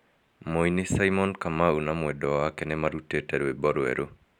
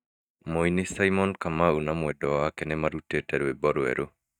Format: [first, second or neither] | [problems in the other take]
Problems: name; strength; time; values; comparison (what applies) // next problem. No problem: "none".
first | noise reduction (neural mask model DeepFilterNet 3)